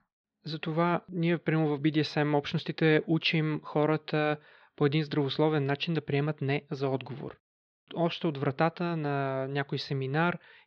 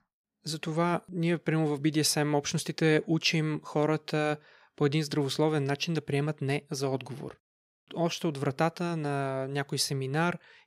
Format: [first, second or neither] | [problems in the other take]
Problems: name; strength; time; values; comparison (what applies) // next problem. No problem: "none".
second | muffled; slightly; fading above 4 kHz